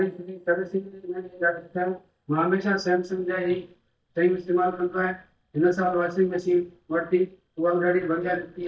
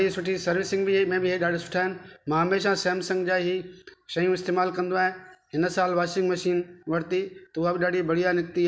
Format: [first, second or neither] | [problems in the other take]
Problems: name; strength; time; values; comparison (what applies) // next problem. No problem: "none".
second | noise reduction (neural mask model DeepFilterNet 3)